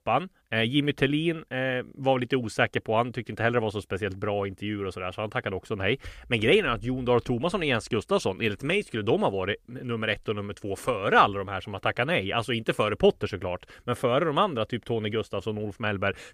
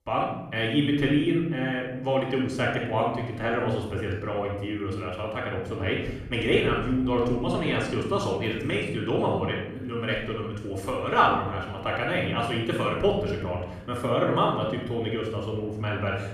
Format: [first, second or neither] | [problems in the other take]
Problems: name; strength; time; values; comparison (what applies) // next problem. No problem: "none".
first | off-mic speech; far // room echo; noticeable; dies away in 1.2 s